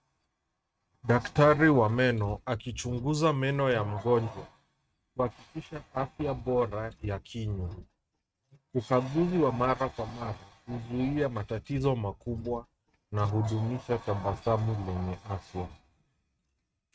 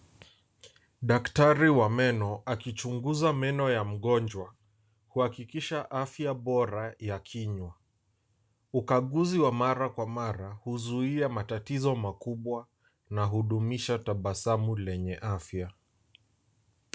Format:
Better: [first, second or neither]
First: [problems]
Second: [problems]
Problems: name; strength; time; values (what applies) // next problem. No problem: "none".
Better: second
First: noise reduction (neural mask model RNNoise)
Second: none